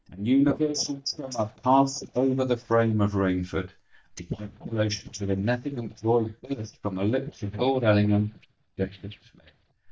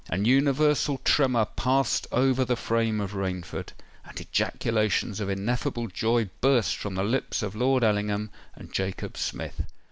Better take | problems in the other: second | noise reduction (neural mask model DeepFilterNet 3)

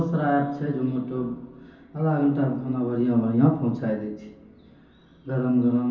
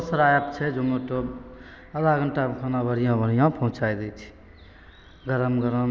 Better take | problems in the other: second | room echo; dies away in 0.9 s

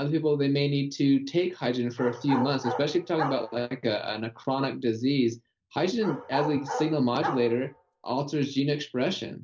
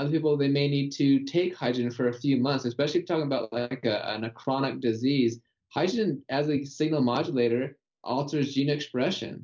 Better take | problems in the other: second | background sound (Bark); 9 dB below the speech

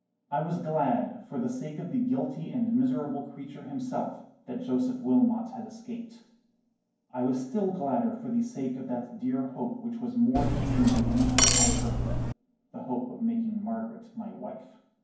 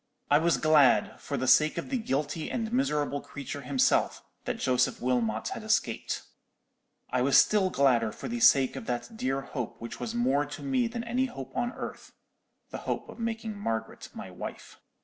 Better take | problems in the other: second | background sound (Cutlery, silverware); 5 dB above the speech // room echo; dies away in 0.9 s

